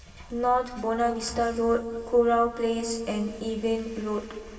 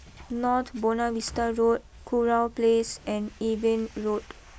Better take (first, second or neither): second